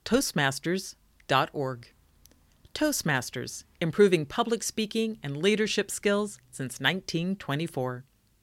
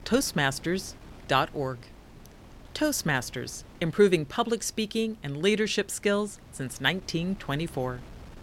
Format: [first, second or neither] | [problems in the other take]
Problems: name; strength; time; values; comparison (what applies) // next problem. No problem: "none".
first | wind noise on the microphone; occasional gusts; 25 dB below the speech